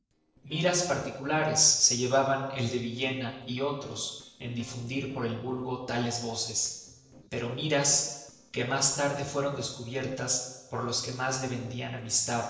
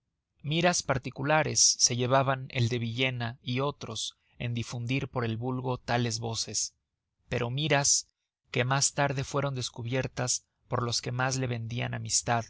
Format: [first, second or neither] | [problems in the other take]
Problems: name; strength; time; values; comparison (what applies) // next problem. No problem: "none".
second | noise reduction (neural separator model SepFormer DNS4)